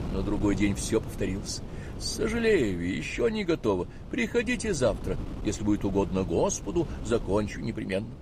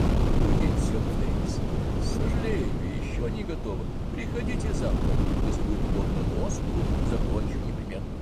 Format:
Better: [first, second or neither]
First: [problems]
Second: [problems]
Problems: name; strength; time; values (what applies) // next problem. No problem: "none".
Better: first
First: wind noise on the microphone; occasional gusts; 15 dB below the speech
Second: wind noise on the microphone; heavy; 4 dB above the speech